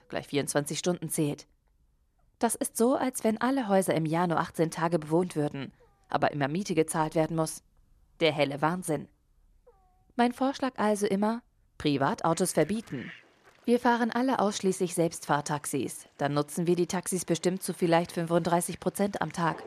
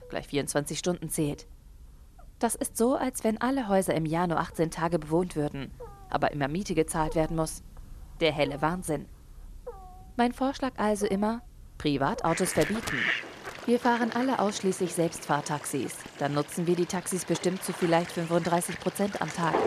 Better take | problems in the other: first | animal sounds; loud; throughout; 10 dB below the speech; faint in the first

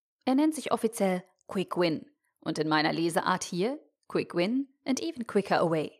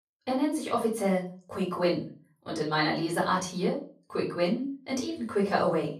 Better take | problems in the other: first | off-mic speech; far // room echo; slight; dies away in 0.3 s

